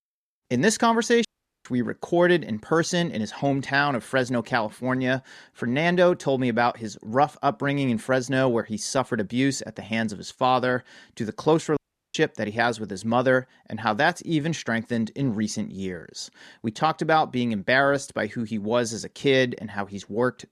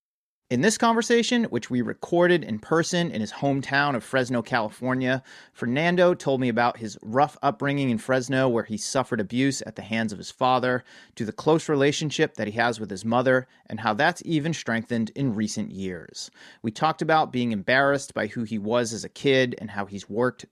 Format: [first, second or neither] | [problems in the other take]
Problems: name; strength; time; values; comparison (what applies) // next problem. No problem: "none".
second | audio cutting out; at 1.5 s and at 12 s